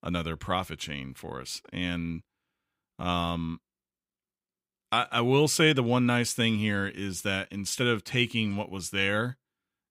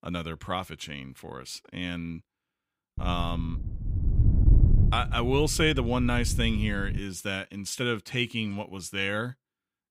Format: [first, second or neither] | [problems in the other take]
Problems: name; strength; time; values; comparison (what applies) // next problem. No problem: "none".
first | wind noise on the microphone; occasional gusts; from 3 to 7 s; 10 dB below the speech